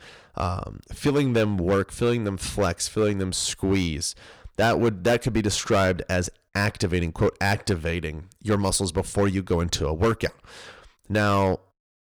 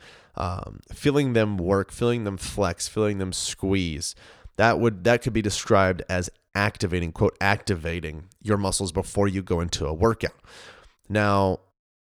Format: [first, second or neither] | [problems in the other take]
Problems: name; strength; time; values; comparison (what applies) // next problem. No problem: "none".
second | distortion; slight; 5% of the sound clipped